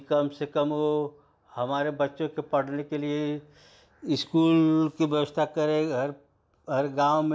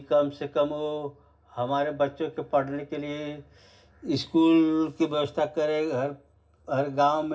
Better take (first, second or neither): first